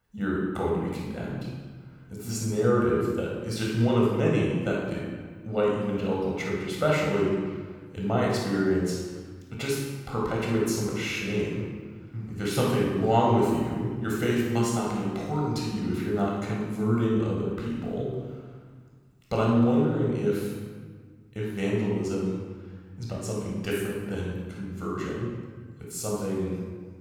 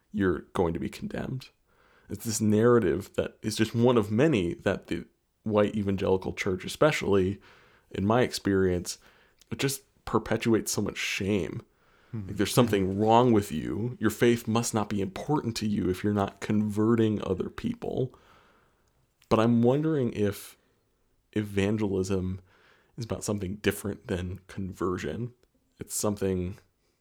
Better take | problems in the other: second | room echo; strong; dies away in 1.3 s // off-mic speech; far

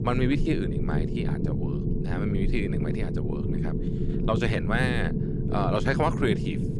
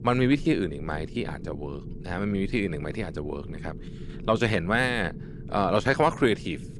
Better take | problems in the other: second | low rumble; loud; throughout; 6 dB below the speech; faint in the second

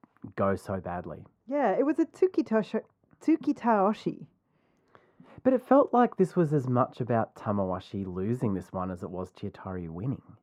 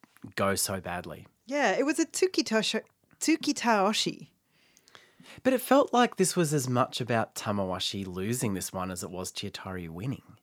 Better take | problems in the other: second | muffled; very; fading above 2 kHz

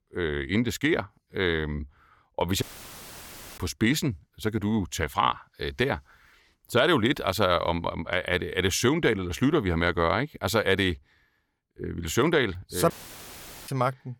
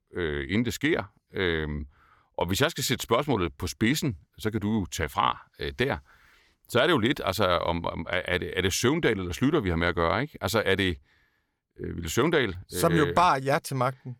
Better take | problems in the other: second | audio cutting out; filled with static; at 2.5 s for 1 s and at 13 s for 1 s

